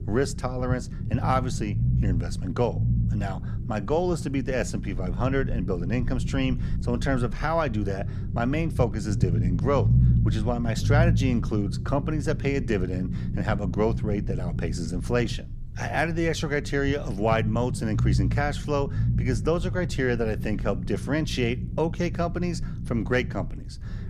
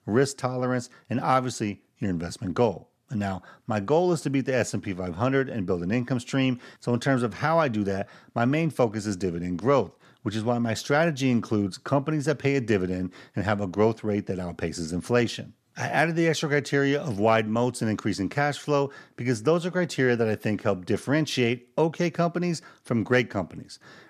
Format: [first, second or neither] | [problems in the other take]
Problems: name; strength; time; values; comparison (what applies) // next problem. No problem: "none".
second | low rumble; noticeable; throughout; 10 dB below the speech